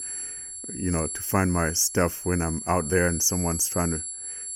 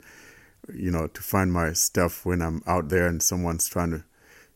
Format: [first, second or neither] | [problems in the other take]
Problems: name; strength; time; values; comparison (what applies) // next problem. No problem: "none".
second | high-pitched whine; loud; throughout; 11 kHz, 7 dB below the speech